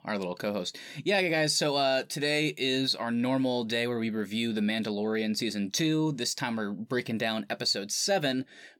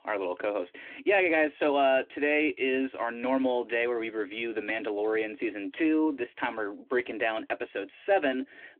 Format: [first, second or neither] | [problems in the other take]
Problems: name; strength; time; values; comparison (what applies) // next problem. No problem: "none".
first | phone-call audio